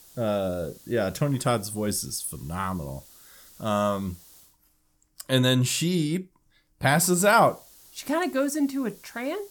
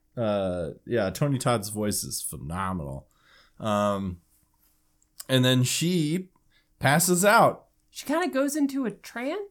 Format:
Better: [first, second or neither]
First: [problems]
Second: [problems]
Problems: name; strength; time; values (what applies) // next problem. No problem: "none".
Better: second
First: hiss; faint; until 4.5 s and from 7 s on; 25 dB below the speech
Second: none